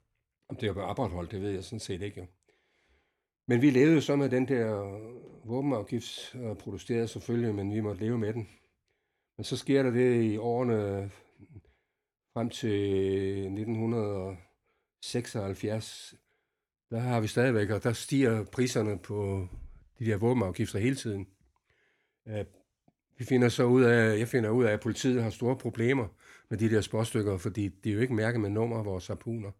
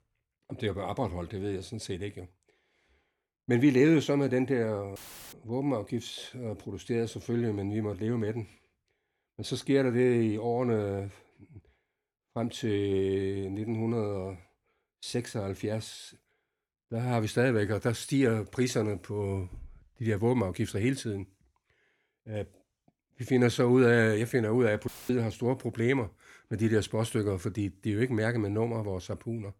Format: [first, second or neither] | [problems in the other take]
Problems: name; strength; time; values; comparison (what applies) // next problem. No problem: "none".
first | audio cutting out; filled with static; at 5 s and at 25 s